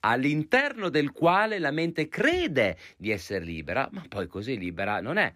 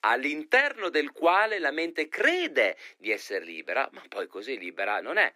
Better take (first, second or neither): first